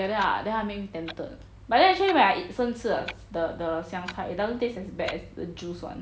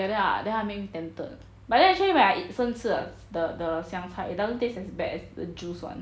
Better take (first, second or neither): second